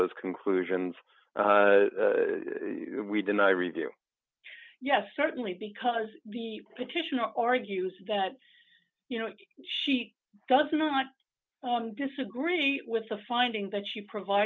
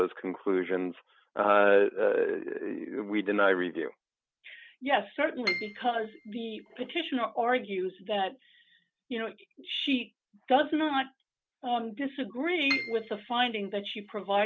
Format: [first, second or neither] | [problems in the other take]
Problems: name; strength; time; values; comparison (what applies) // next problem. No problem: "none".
first | background sound (Piano); 9 dB below the speech